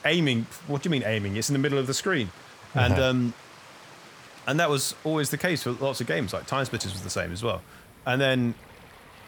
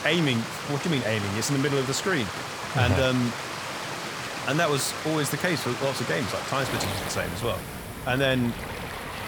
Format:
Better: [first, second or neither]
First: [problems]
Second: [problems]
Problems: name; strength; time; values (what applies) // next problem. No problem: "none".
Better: first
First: rain or running water; faint; throughout; 20 dB below the speech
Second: rain or running water; loud; throughout; 6 dB below the speech